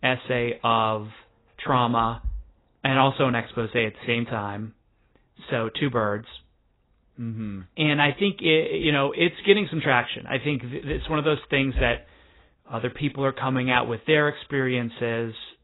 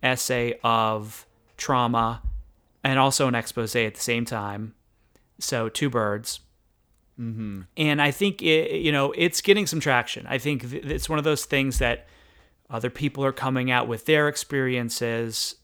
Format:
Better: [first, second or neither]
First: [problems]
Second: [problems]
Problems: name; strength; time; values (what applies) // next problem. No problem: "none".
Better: second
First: garbled, watery; badly; nothing above 4 kHz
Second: none